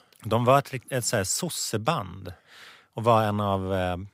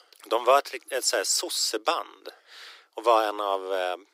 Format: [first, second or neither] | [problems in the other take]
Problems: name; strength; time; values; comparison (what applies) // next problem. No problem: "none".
first | thin; very; fading below 300 Hz